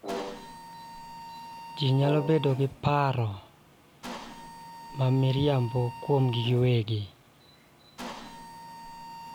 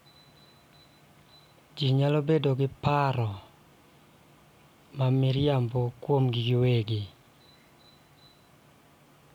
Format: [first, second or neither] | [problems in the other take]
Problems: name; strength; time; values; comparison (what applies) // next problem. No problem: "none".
second | background sound (Mechanisms + Brass instrument); 13 dB below the speech